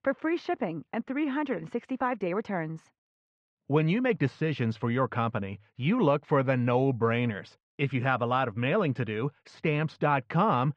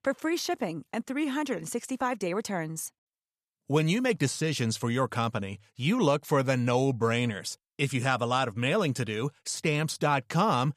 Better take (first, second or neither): second